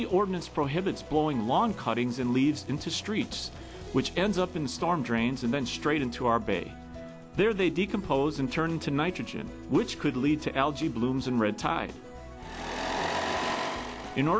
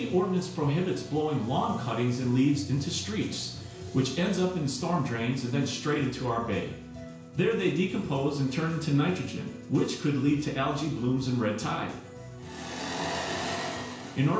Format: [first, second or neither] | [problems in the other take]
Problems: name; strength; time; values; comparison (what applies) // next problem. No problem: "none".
first | room echo; dies away in 0.5 s